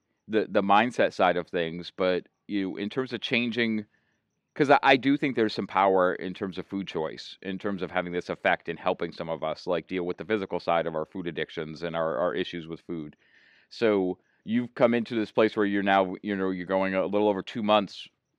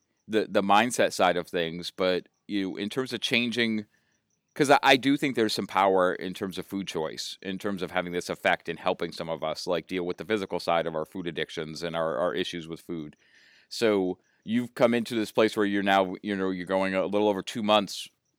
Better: second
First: muffled; slightly; fading above 3 kHz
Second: none

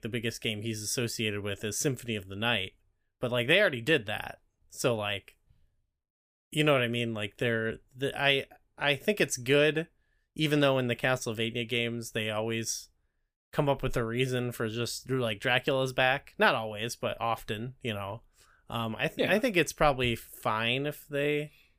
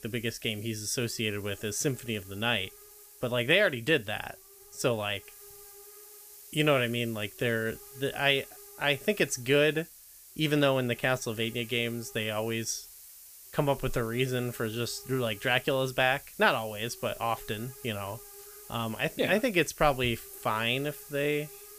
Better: first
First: none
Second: hiss; noticeable; throughout; 20 dB below the speech

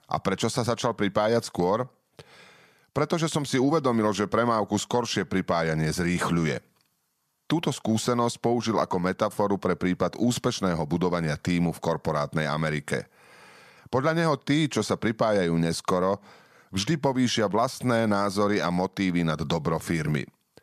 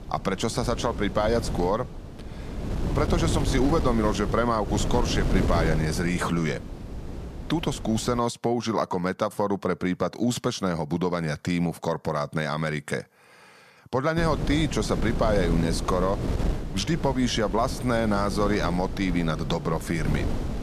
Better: first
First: none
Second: wind noise on the microphone; heavy; until 8 s and from 14 s on; 10 dB below the speech

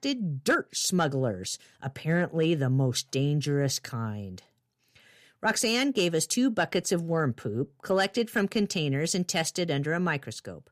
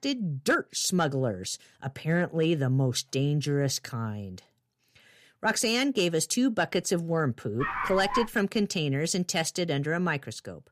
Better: first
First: none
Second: dog barking; noticeable; at 7.5 s; peak 3 dB below the speech

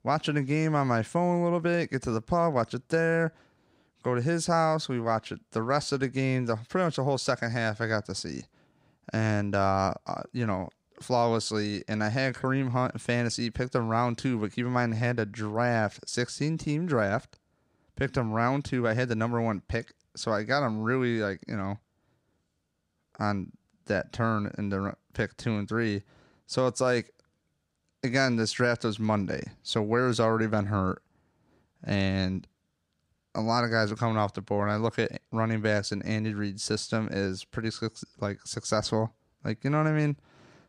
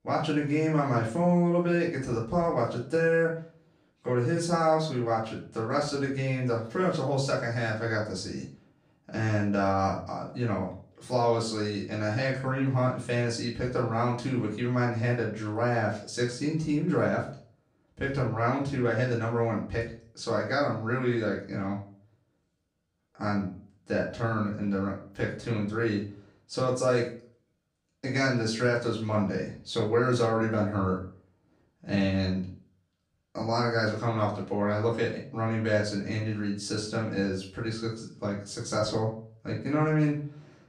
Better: first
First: none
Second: off-mic speech; far // room echo; slight; dies away in 0.4 s

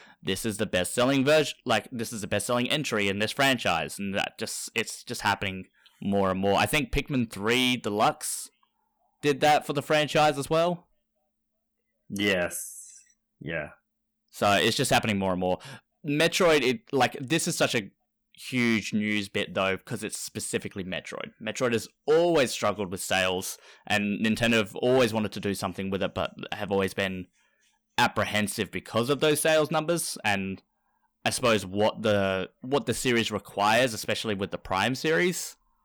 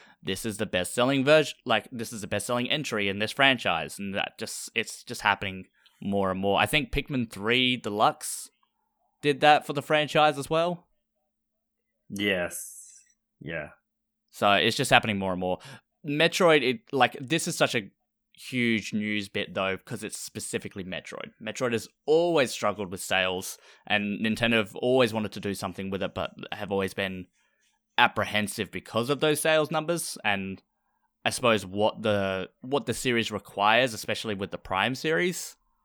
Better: second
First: distortion; slight; 3% of the sound clipped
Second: none

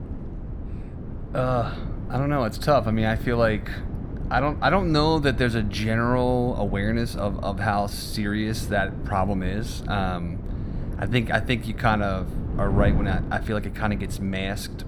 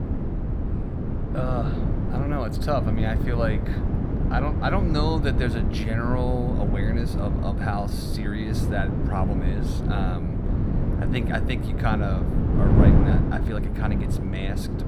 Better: first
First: wind noise on the microphone; occasional gusts; 15 dB below the speech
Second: wind noise on the microphone; heavy; 3 dB below the speech

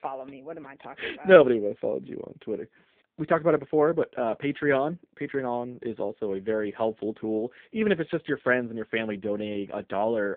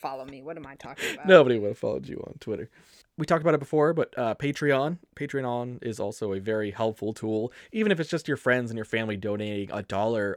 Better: second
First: phone-call audio; poor line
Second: none

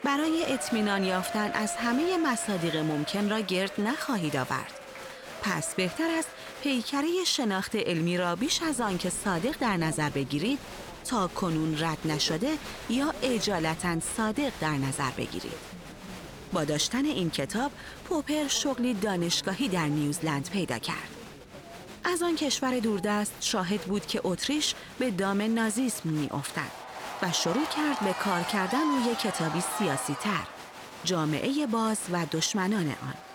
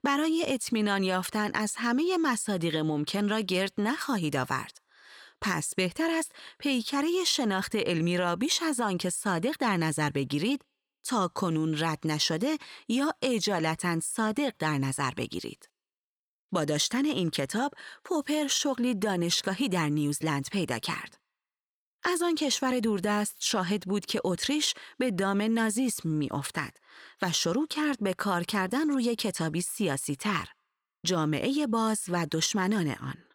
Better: second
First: crowd noise; noticeable; throughout; 10 dB below the speech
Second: none

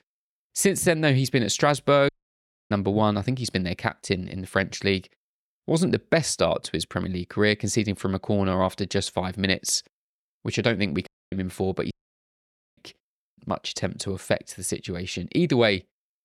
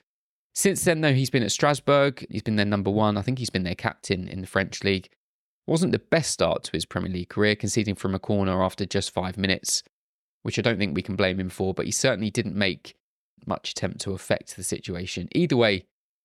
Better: second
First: audio cutting out; at 2 s for 0.5 s, at 11 s and at 12 s for 1 s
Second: none

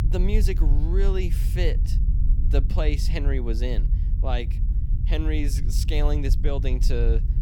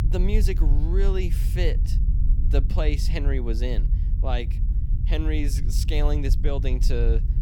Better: neither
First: low rumble; noticeable; throughout; 10 dB below the speech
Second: low rumble; noticeable; throughout; 10 dB below the speech

